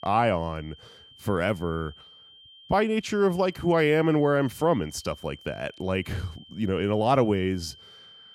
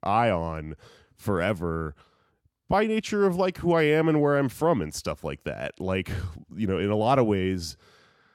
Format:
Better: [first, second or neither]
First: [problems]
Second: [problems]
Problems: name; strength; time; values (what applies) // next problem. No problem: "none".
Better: second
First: high-pitched whine; faint; throughout; 3 kHz, 25 dB below the speech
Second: none